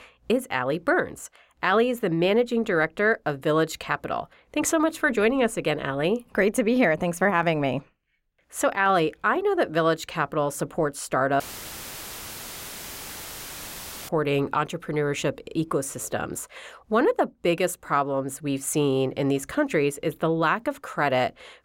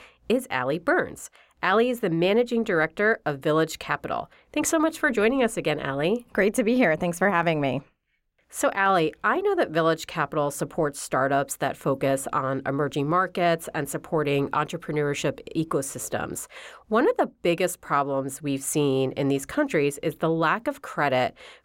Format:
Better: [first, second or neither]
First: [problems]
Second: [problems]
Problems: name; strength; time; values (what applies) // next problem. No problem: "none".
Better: second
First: audio cutting out; filled with static; at 11 s for 2.5 s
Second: none